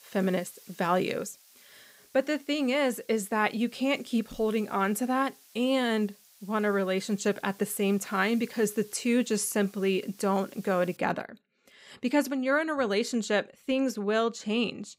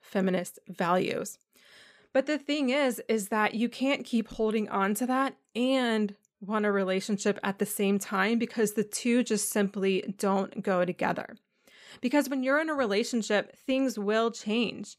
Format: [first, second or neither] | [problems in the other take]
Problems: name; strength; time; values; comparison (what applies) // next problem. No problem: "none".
second | hiss; faint; until 11 s; 25 dB below the speech